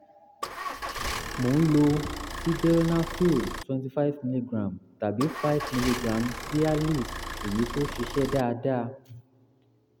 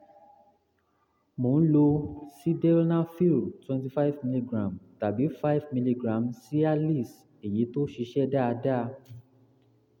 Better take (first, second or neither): second